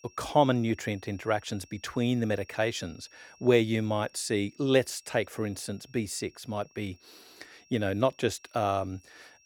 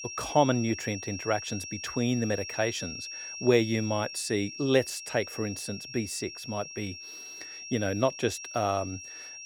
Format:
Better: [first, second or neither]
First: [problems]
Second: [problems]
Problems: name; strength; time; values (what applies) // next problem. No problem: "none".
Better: first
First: high-pitched whine; faint; throughout; 5.5 kHz, 30 dB below the speech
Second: high-pitched whine; loud; throughout; 5.5 kHz, 9 dB below the speech